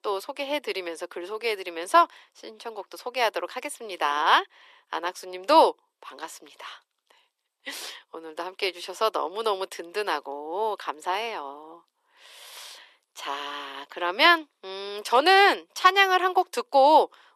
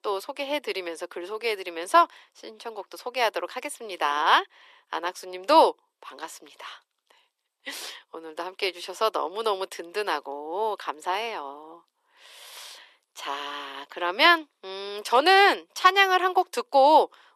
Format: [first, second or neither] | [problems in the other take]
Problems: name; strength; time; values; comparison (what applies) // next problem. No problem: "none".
neither | thin; very; fading below 350 Hz; the same in both